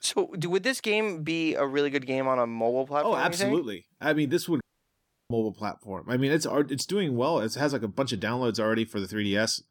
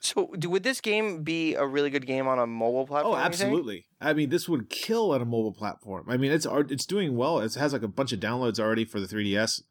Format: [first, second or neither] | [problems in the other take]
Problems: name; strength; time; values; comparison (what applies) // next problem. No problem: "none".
second | audio cutting out; at 4.5 s for 0.5 s